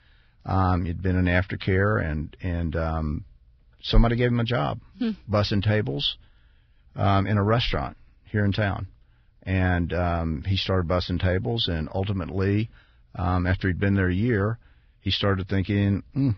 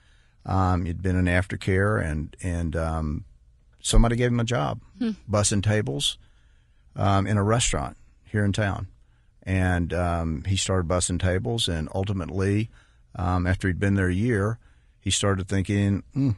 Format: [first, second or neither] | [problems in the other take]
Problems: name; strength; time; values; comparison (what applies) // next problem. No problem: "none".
second | garbled, watery; badly; nothing above 5 kHz; slightly in the second